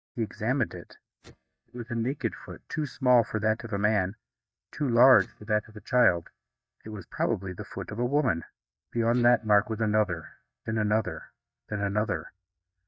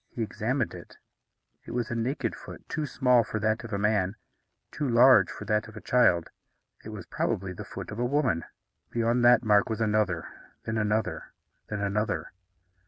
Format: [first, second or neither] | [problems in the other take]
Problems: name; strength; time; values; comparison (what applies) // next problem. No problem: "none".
second | noise reduction (neural mask model DeepFilterNet 3)